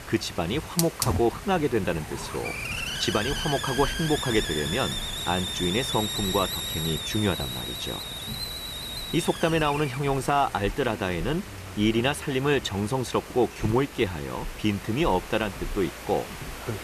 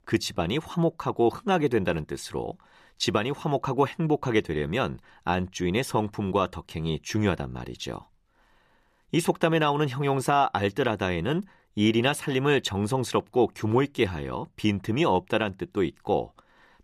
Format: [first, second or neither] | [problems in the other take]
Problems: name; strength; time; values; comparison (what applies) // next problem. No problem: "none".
second | hiss; loud; throughout; 5 dB below the speech